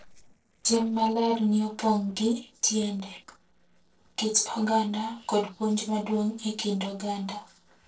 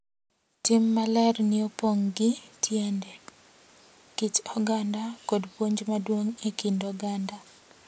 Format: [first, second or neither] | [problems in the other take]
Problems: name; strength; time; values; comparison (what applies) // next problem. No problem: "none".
second | noise reduction (neural separator model SepFormer DNS4)